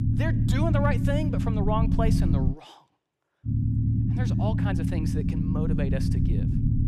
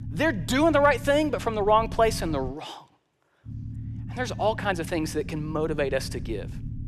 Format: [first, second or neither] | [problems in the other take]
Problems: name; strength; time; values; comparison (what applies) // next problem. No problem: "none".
second | low rumble; loud; until 2.5 s and from 3.5 s on; 3 dB below the speech; faint in the second